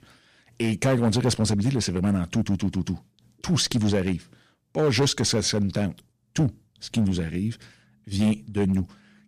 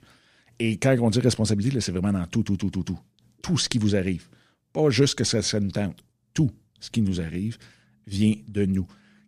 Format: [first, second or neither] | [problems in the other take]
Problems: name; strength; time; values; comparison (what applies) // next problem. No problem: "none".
second | distortion; slight; 5% of the sound clipped